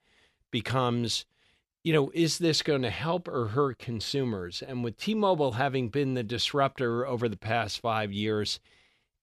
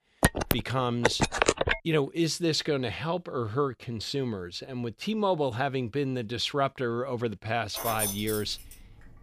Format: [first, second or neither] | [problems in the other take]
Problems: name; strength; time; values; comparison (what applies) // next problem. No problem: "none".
first | phone ringing; loud; until 2 s; peak 5 dB above the speech // jangling keys; noticeable; from 8 s on; peak level with the speech